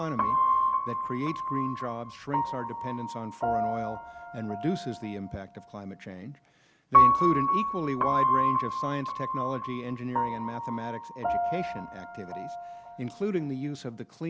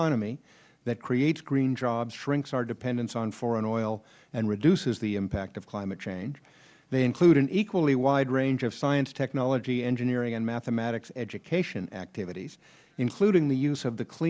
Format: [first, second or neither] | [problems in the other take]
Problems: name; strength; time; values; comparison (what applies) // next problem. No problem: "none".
second | background sound (Piano); 5 dB above the speech